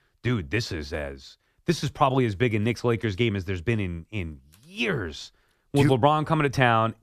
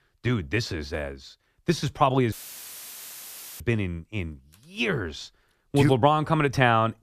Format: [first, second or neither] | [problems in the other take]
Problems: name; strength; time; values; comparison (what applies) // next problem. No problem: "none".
first | audio cutting out; filled with static; at 2.5 s for 1.5 s